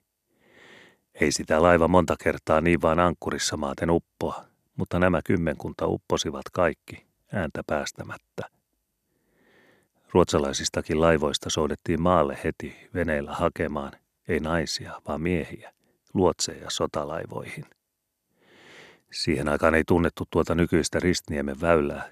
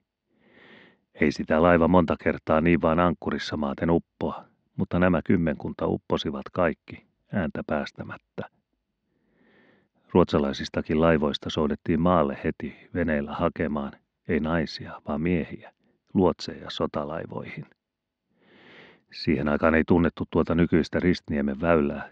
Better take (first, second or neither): first